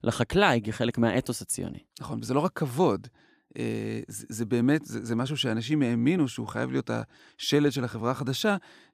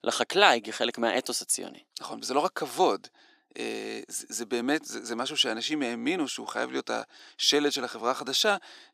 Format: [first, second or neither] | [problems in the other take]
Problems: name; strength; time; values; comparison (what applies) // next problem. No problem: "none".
first | thin; somewhat; fading below 300 Hz